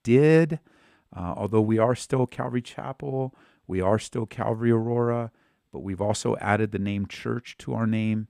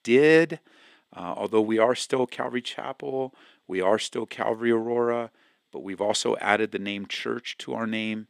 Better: first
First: none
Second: thin; somewhat; fading below 350 Hz

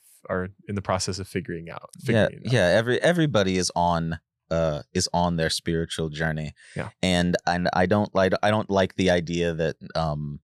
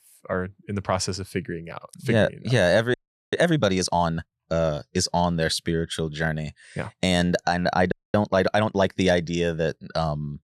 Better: first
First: none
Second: audio freezing; at 3 s and at 8 s

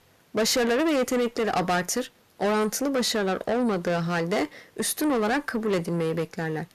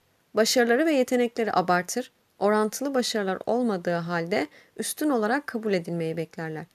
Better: second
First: distortion; heavy; 7 dB below the speech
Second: none

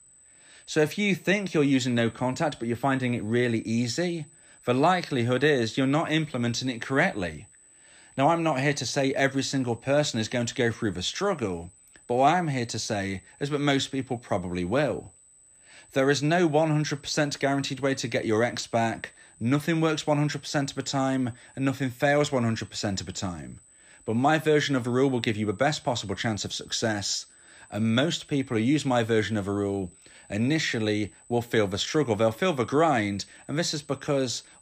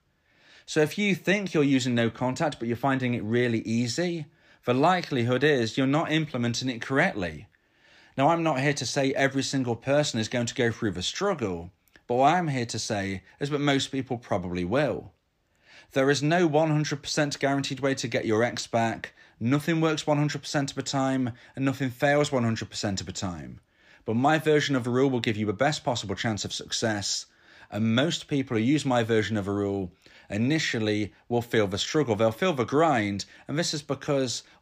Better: second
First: high-pitched whine; faint; throughout; 8 kHz, 25 dB below the speech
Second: none

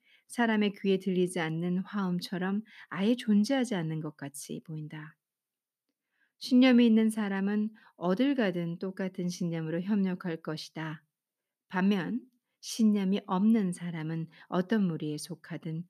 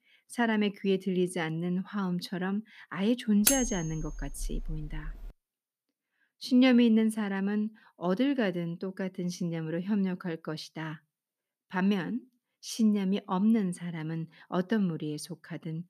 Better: first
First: none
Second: clattering dishes; loud; from 3.5 to 5 s; peak 4 dB above the speech

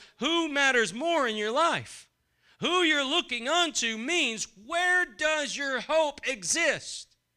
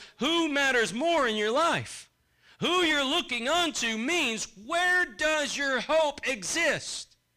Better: first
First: none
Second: distortion; slight; 10 dB below the speech

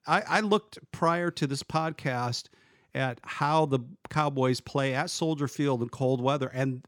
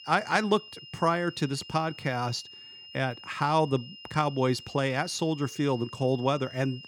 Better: first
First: none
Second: high-pitched whine; noticeable; throughout; 3 kHz, 15 dB below the speech

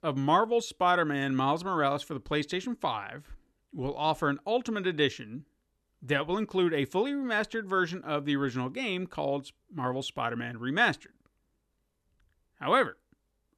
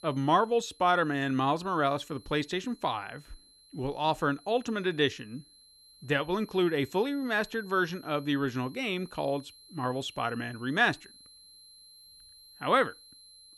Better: first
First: none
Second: high-pitched whine; faint; throughout; 4 kHz, 25 dB below the speech

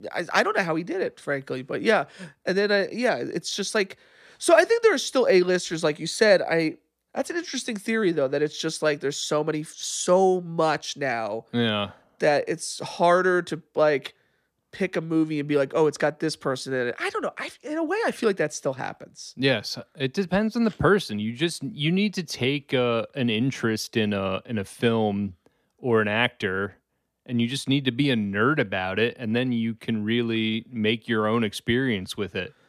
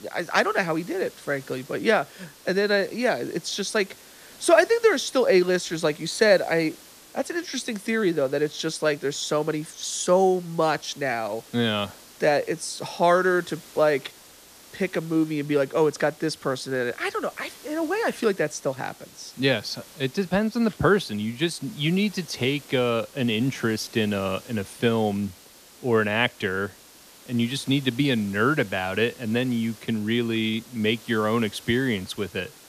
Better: first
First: none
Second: hiss; faint; throughout; 20 dB below the speech

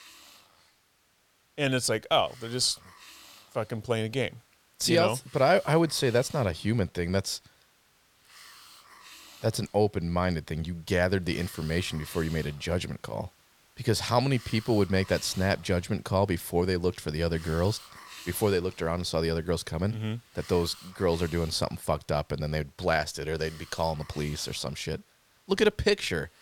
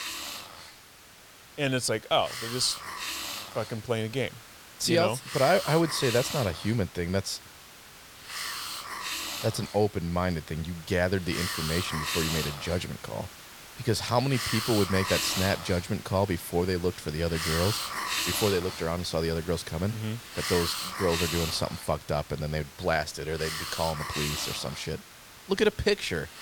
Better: first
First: hiss; faint; throughout; 20 dB below the speech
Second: hiss; loud; throughout; 4 dB below the speech

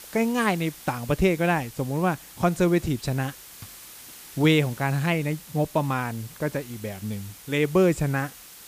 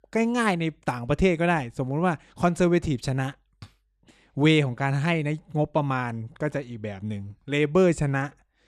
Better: second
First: hiss; noticeable; throughout; 15 dB below the speech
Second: none

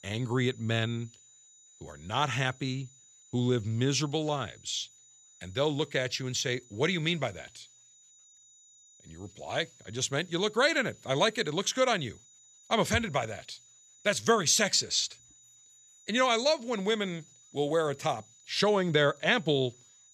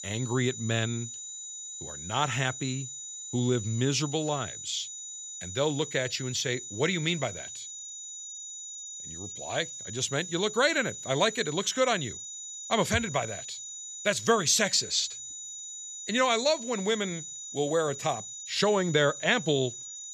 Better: first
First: high-pitched whine; faint; throughout; 7 kHz, 25 dB below the speech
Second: high-pitched whine; loud; throughout; 7 kHz, 10 dB below the speech

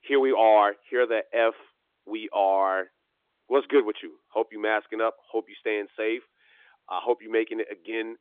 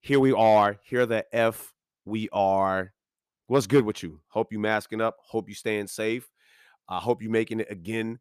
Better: second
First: phone-call audio; nothing above 3.5 kHz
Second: none

